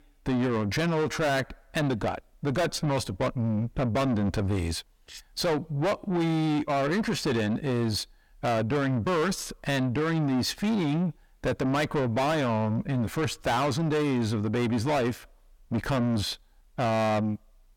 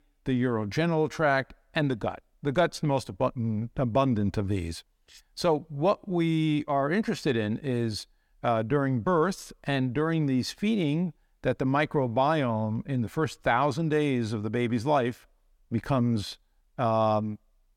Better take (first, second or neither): second